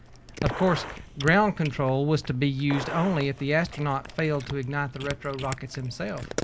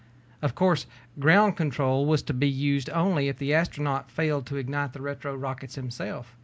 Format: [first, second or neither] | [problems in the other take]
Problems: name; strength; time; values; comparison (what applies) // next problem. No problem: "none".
second | background sound (Gunshot, gunfire + Cat); 11 dB below the speech